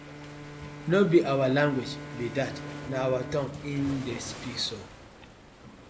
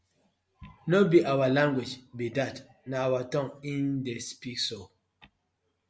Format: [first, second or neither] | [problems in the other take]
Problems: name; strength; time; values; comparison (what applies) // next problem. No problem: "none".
second | background sound (Bowed string instrument + Waves, surf); 12 dB below the speech